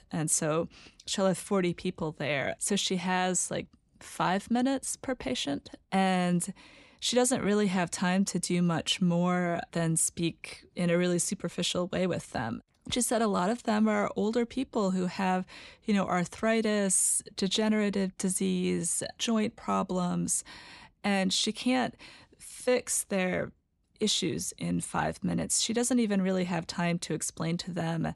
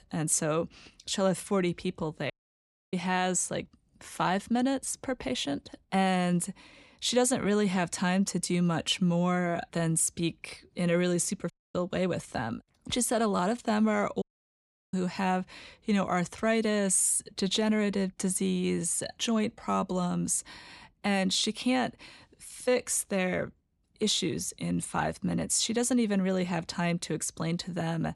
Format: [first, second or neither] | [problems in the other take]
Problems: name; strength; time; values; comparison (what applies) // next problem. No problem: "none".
first | audio cutting out; at 2.5 s for 0.5 s, at 12 s and at 14 s for 0.5 s